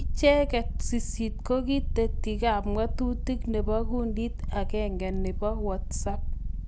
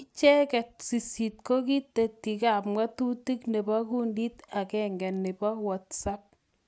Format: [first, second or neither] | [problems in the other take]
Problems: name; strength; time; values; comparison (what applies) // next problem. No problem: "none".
second | background sound (Purr); 1 dB below the speech